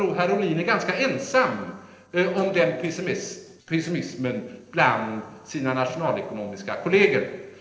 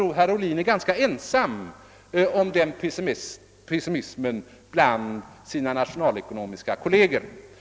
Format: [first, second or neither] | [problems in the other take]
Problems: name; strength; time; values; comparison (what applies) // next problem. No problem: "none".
second | noise reduction (neural separator model SepFormer DNS4)